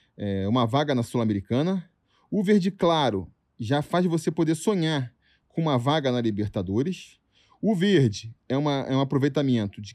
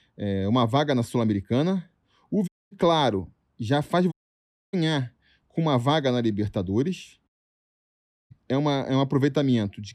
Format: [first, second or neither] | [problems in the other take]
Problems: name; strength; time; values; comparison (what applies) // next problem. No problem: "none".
first | audio cutting out; at 2.5 s, at 4 s for 0.5 s and at 7.5 s for 1 s